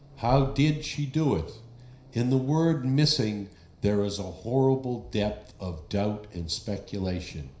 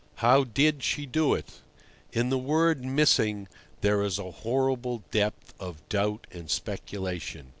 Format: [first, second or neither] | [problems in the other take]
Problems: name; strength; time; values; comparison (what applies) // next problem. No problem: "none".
second | background sound (Accelerating, revving, vroom); 18 dB below the speech // room echo; dies away in 0.5 s